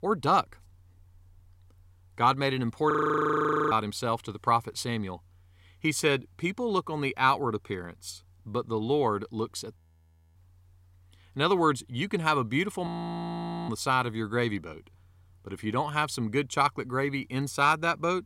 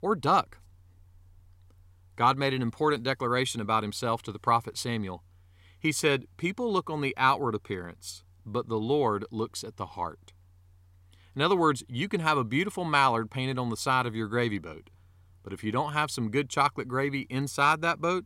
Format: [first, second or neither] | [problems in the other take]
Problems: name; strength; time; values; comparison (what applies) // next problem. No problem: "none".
second | audio freezing; at 3 s for 1 s, at 10 s for 0.5 s and at 13 s for 1 s